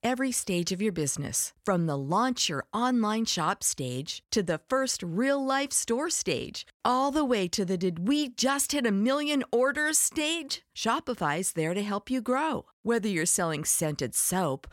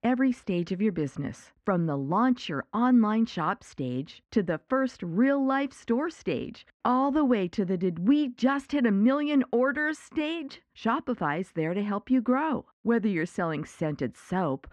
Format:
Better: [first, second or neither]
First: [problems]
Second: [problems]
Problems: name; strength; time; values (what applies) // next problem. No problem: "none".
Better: first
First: none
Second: muffled; very; fading above 2 kHz